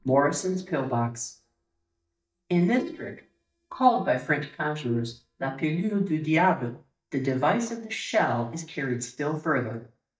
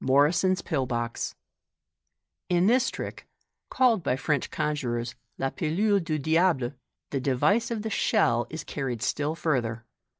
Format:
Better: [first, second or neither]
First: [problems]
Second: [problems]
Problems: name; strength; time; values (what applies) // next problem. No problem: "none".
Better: second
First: noise reduction (neural mask model DeepFilterNet 3)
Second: none